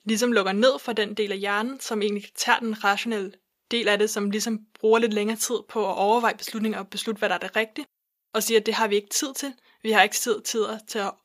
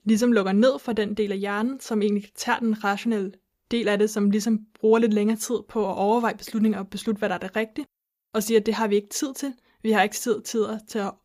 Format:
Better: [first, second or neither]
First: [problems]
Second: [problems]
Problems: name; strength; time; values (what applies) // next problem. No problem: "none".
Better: second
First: thin; very slightly; fading below 650 Hz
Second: none